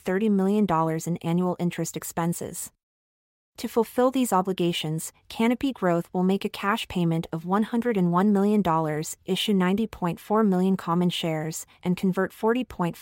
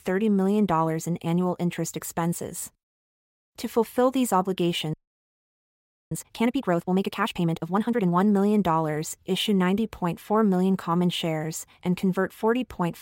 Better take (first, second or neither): first